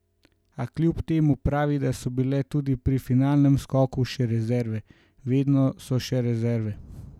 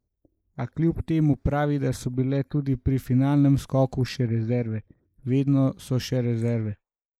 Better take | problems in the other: first | noise reduction (neural mask model Resemble Enhance denoiser)

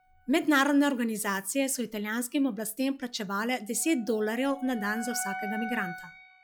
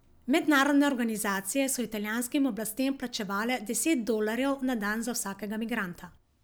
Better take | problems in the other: second | noise reduction (classical method log-MMSE)

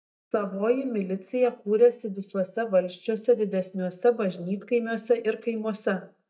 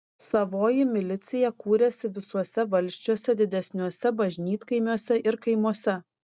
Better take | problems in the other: second | noise reduction (neural mask model DeepFilterNet 3)

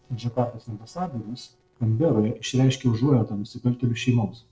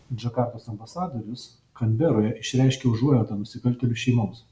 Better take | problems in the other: second | noise reduction (neural separator model SepFormer DNS4)

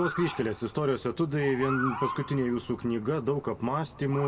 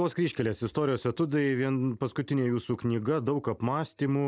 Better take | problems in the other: second | background sound (Motor vehicle (road) / Siren); 10 dB below the speech // room echo; dies away in 1.5 s

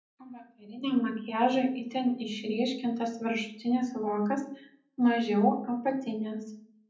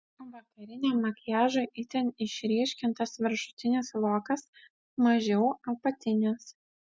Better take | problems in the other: second | room echo; dies away in 0.6 s

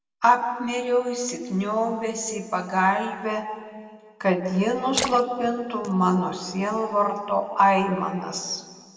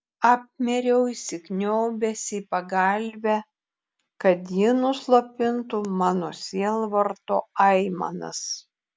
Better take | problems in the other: second | background sound (Splash, splatter); 10 dB below the speech // room echo; dies away in 1.7 s

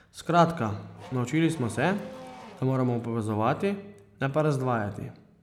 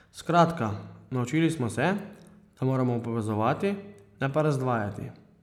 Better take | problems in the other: second | background sound (Race car, auto racing / Accelerating, revving, vroom); 19 dB below the speech

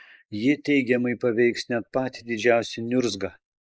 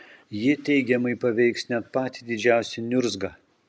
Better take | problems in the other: second | noise reduction (neural mask model Resemble Enhance denoiser)

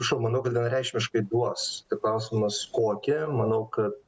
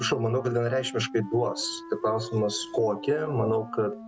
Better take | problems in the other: first | background sound (Wind instrument, woodwind instrument); 14 dB below the speech

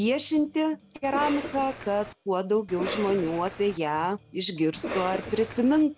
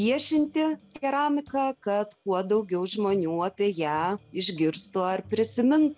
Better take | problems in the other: second | background sound (Cough); 9 dB below the speech

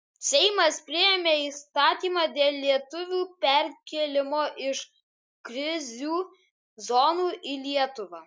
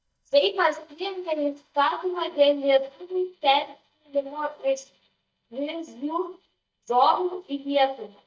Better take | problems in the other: first | noise reduction (neural mask model DeepFilterNet 3)

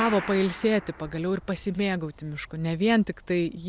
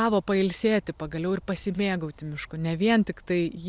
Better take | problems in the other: second | background sound (Clapping); 16 dB below the speech

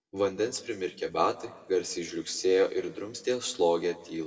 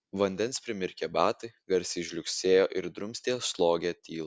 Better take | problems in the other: second | room echo; dies away in 1.1 s

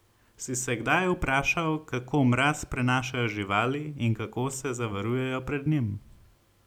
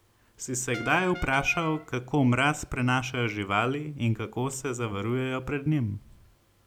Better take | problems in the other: first | background sound (Brass instrument); 13 dB below the speech

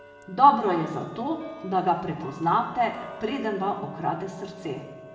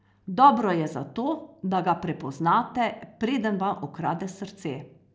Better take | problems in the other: second | background sound (Tick-tock); 18 dB below the speech // room echo; dies away in 1.1 s

